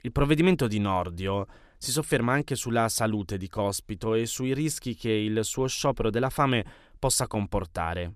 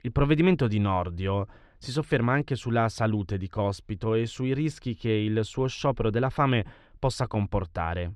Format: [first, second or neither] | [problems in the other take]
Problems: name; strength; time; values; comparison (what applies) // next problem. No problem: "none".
first | muffled; slightly; fading above 3.5 kHz